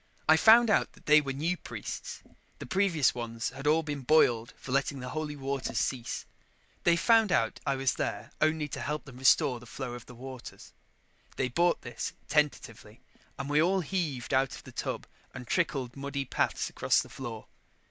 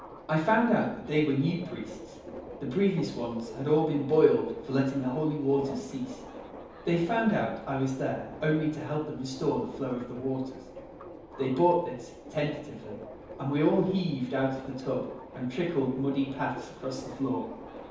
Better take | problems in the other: first | background sound (Subway, metro, underground); 16 dB below the speech // room echo; dies away in 0.9 s

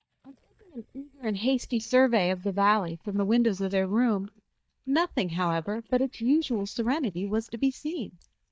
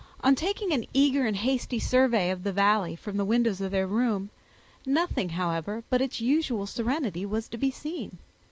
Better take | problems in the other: second | noise reduction (neural mask model DeepFilterNet 3)

